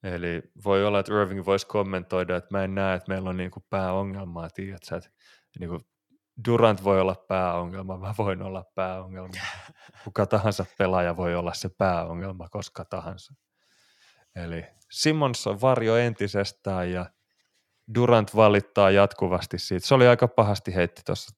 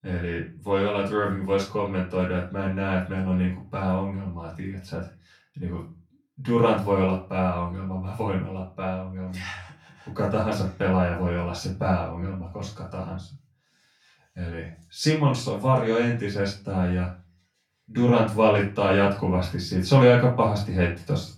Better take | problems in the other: first | off-mic speech; far // room echo; slight; dies away in 0.3 s

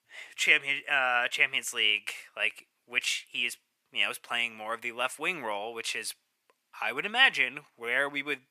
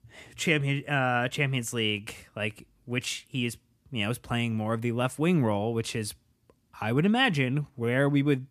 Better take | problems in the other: second | thin; very; fading below 750 Hz

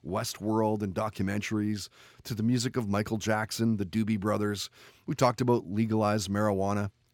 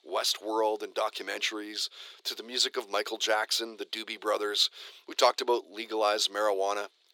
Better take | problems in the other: first | thin; very; fading below 400 Hz

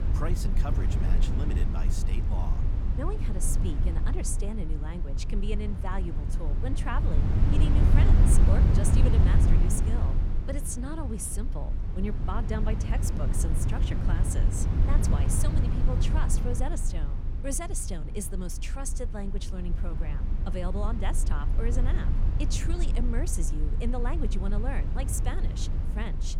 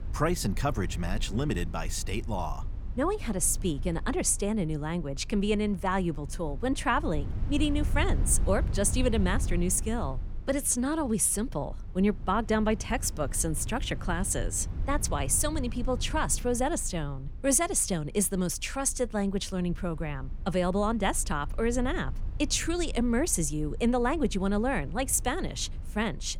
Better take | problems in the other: second | low rumble; loud; throughout; 3 dB below the speech; faint in the second

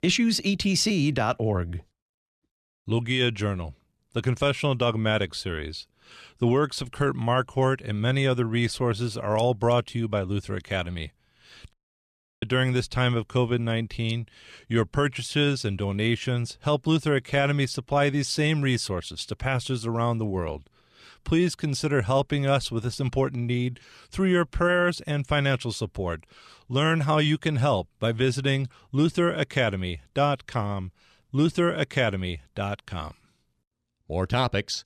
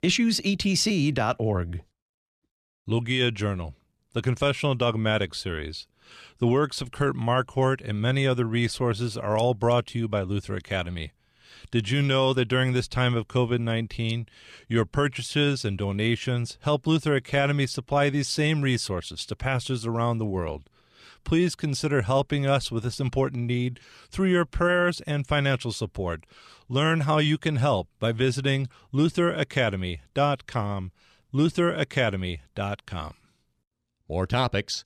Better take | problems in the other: second | audio cutting out; at 12 s for 0.5 s

